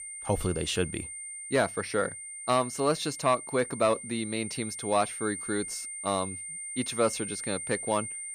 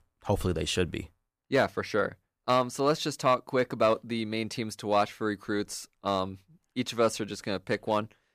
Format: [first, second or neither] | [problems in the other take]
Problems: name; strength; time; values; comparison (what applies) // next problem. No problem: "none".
second | high-pitched whine; loud; throughout; 9 kHz, 7 dB below the speech